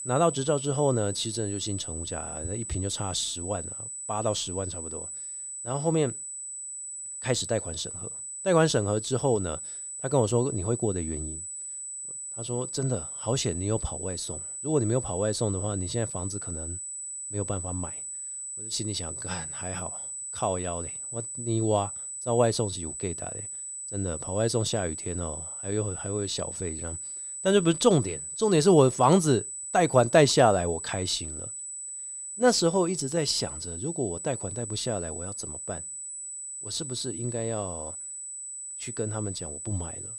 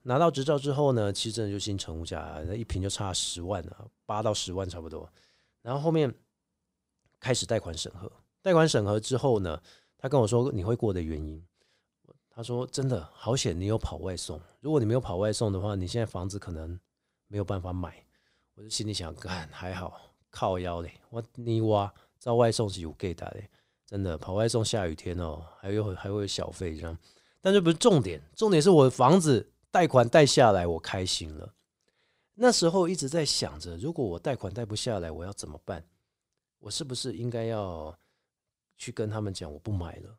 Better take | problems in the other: second | high-pitched whine; loud; throughout; 8 kHz, 7 dB below the speech

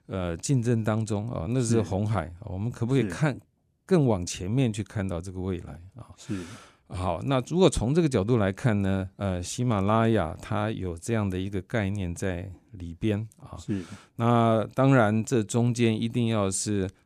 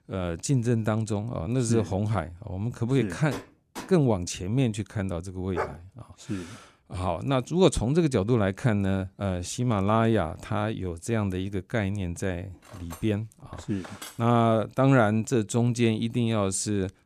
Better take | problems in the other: first | door banging; faint; at 3.5 s; peak 15 dB below the speech // dog barking; noticeable; at 5.5 s; peak 7 dB below the speech // clattering dishes; faint; from 13 to 14 s; peak 15 dB below the speech

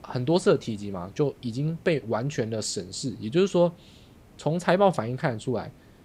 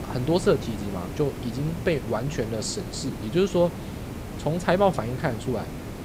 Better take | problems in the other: first | hiss; loud; throughout; 9 dB below the speech; faint in the first

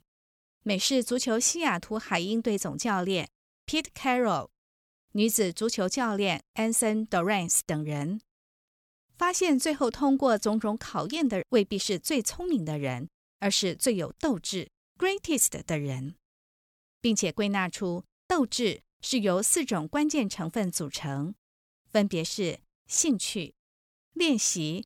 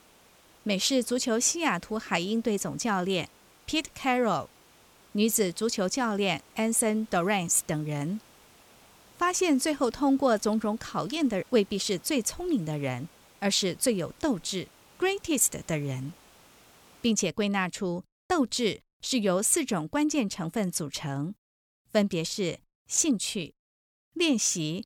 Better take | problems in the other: first | hiss; faint; until 17 s; 30 dB below the speech

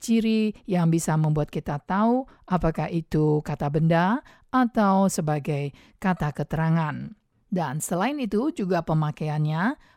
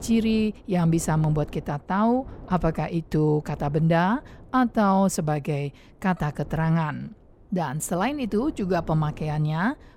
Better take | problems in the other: first | wind noise on the microphone; occasional gusts; 25 dB below the speech

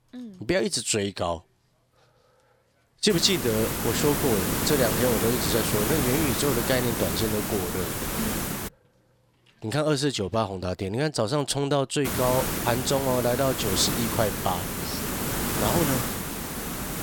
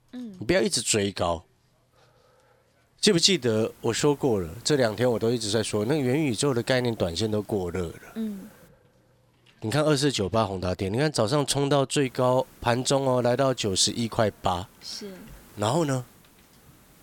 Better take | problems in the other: second | hiss; loud; from 3 to 8.5 s and from 12 s on; 1 dB below the speech; faint in the second

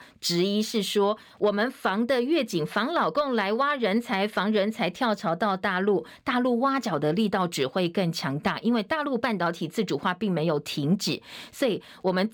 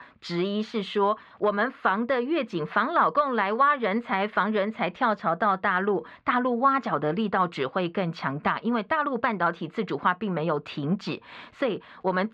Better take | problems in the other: first | muffled; slightly; fading above 2.5 kHz

